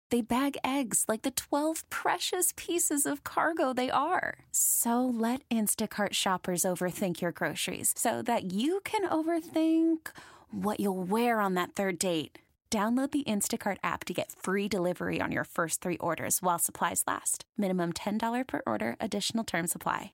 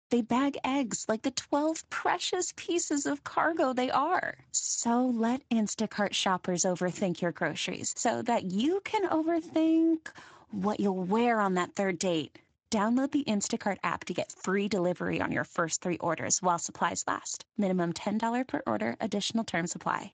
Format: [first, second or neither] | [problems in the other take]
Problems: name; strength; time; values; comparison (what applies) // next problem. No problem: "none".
first | garbled, watery; slightly; nothing above 7.5 kHz